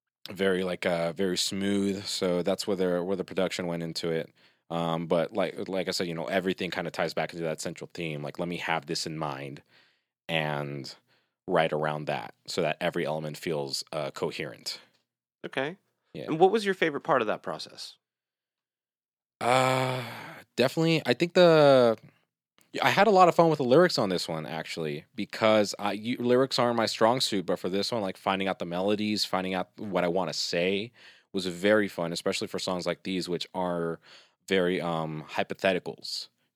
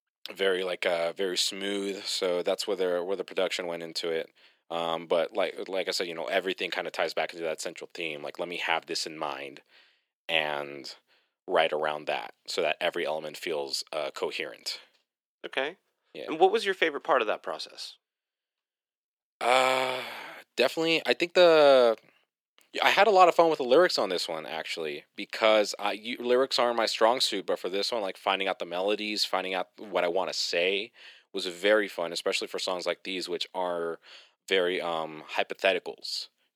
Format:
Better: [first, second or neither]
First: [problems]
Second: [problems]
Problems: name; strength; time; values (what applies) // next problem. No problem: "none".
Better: first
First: none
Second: thin; somewhat; fading below 400 Hz